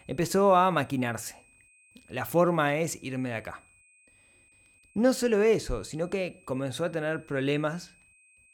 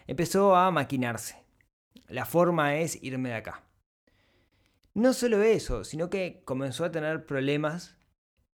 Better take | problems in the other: second | high-pitched whine; faint; throughout; 2.5 kHz, 30 dB below the speech

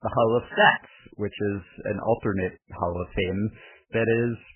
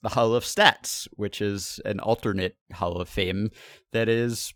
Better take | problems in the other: second | garbled, watery; badly; nothing above 3 kHz

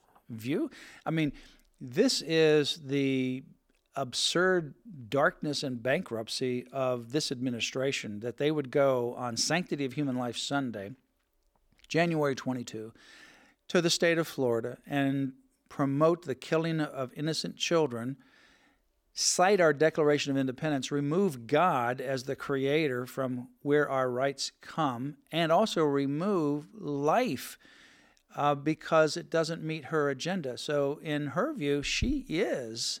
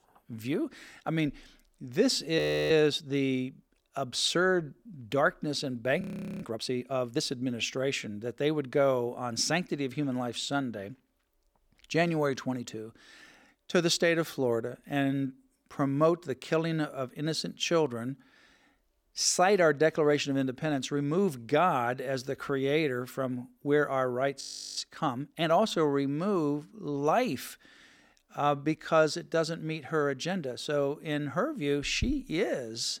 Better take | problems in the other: first | audio freezing; at 2.5 s, at 6 s and at 24 s

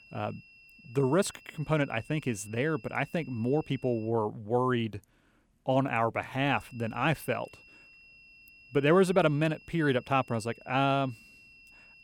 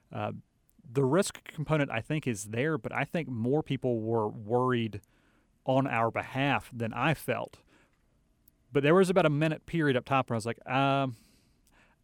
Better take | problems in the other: second | high-pitched whine; faint; until 4 s and from 6.5 s on; 2.5 kHz, 25 dB below the speech

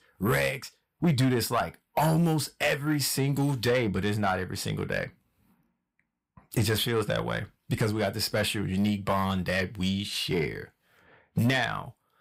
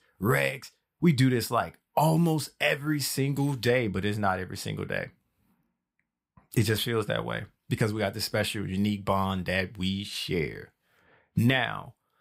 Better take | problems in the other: second | distortion; slight; 10 dB below the speech

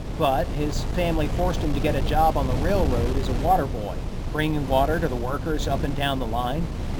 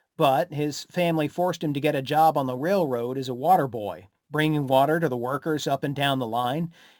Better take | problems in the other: second | wind noise on the microphone; occasional gusts; 10 dB below the speech

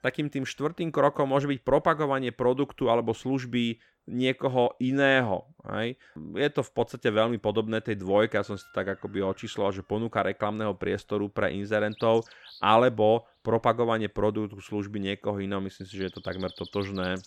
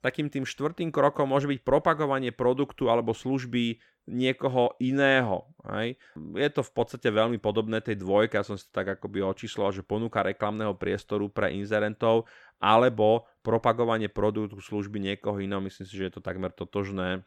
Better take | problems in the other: second | animal sounds; faint; throughout; 20 dB below the speech

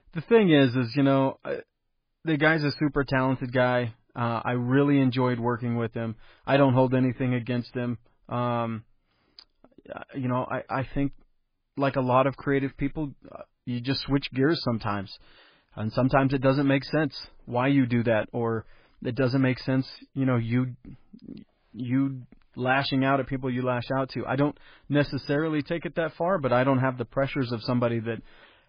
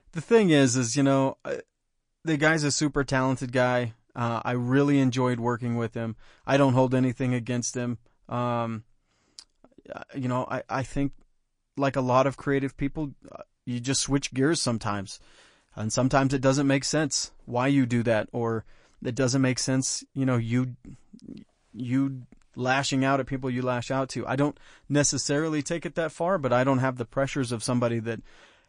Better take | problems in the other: second | garbled, watery; badly; nothing above 5 kHz; slightly in the second

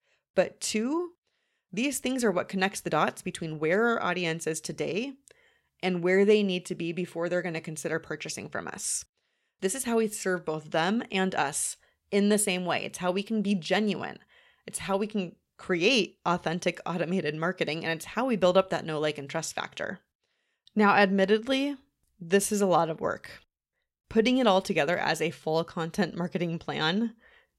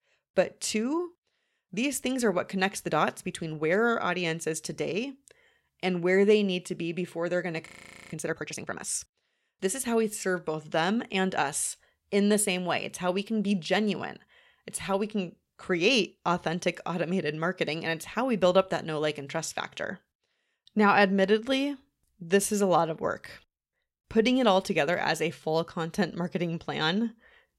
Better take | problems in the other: first | audio freezing; at 7.5 s

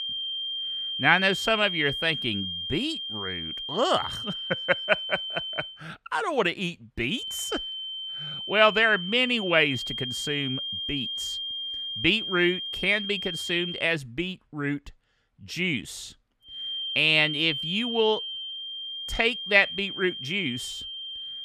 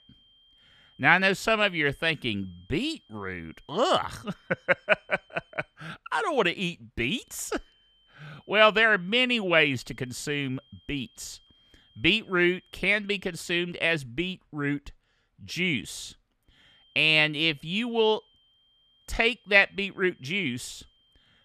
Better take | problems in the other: second | high-pitched whine; loud; until 5.5 s, from 7 to 14 s and from 17 s on; 3 kHz, 5 dB below the speech; faint in the second

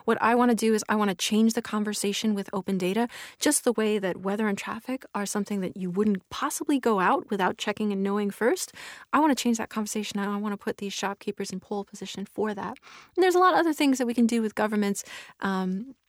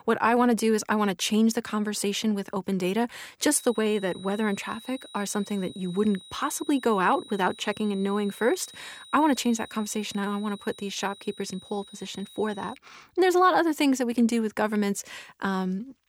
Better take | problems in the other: first | high-pitched whine; noticeable; from 3.5 to 13 s; 4 kHz, 20 dB below the speech

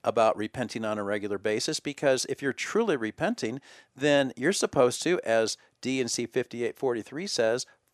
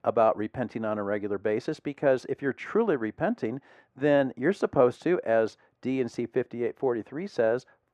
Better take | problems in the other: first | muffled; very; fading above 3 kHz

